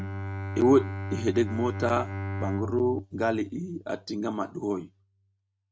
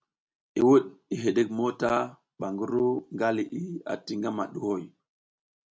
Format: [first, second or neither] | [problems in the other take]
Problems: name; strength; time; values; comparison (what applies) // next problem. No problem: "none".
second | noise reduction (neural mask model RNNoise)